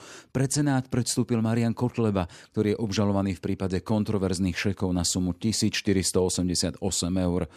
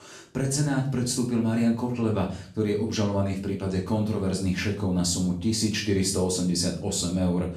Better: first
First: none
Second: room echo; slight; dies away in 0.4 s // off-mic speech; far

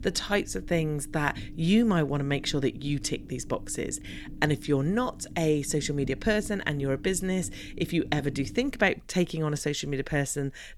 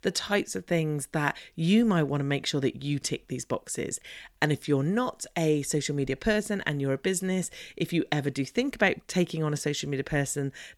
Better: second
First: low rumble; faint; throughout; 20 dB below the speech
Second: none

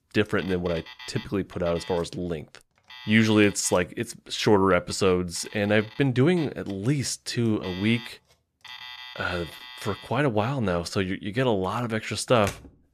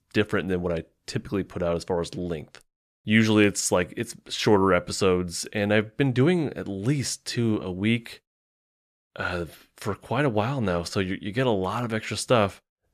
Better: second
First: alarms or sirens; noticeable; throughout; 15 dB below the speech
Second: none

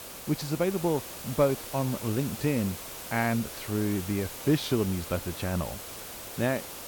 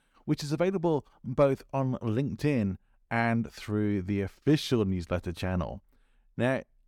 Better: second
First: hiss; loud; throughout; 9 dB below the speech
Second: none

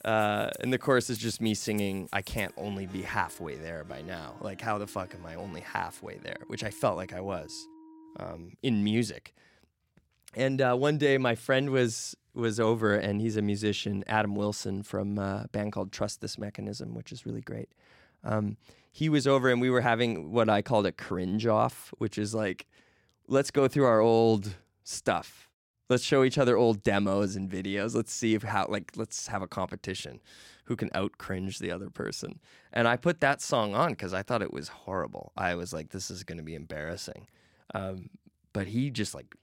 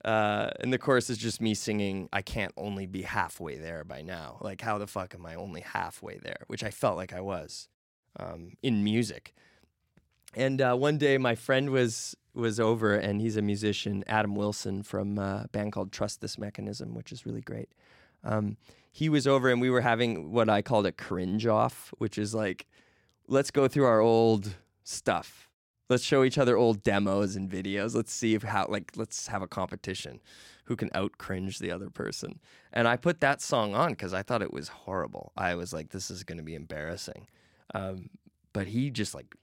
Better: second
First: background music; faint; until 8.5 s; 20 dB below the speech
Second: none

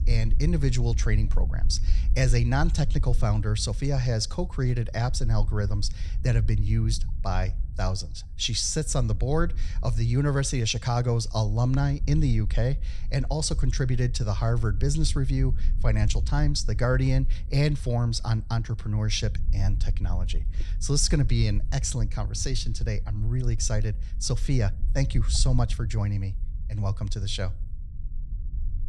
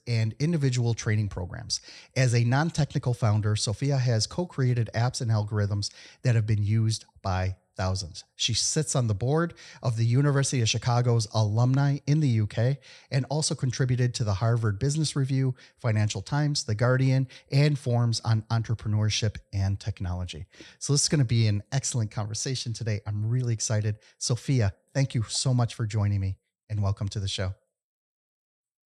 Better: second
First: low rumble; faint; throughout; 20 dB below the speech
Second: none

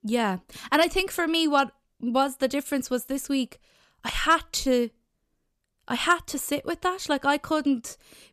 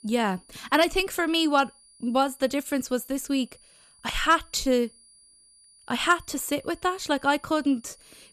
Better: first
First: none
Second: high-pitched whine; faint; throughout; 9.5 kHz, 30 dB below the speech

